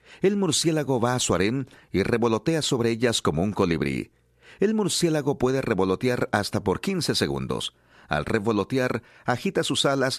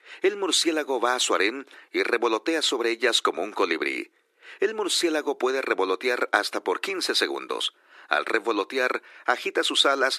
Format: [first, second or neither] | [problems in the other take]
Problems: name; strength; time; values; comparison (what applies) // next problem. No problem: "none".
first | thin; very; fading below 300 Hz